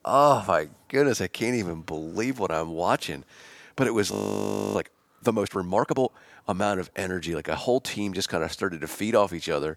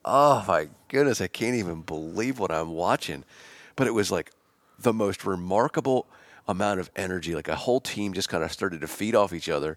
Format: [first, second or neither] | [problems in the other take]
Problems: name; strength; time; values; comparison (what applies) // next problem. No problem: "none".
second | audio freezing; at 4 s for 0.5 s